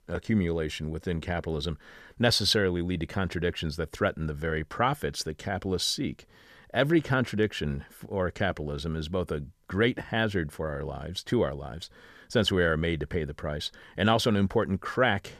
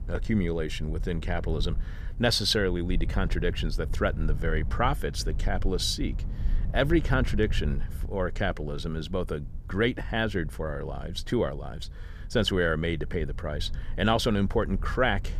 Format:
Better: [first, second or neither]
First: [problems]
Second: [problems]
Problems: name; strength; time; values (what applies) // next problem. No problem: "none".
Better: first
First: none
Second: low rumble; faint; throughout; 20 dB below the speech